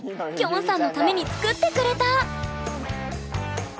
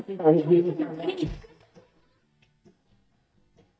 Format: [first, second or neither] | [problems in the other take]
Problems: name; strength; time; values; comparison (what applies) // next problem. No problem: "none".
first | noise reduction (neural mask model DeepFilterNet 3)